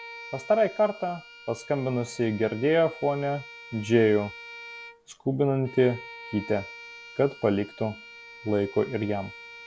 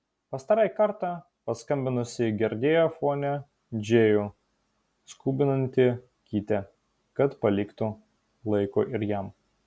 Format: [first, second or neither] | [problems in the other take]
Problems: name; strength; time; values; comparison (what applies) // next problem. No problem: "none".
second | background sound (Bowed string instrument); 17 dB below the speech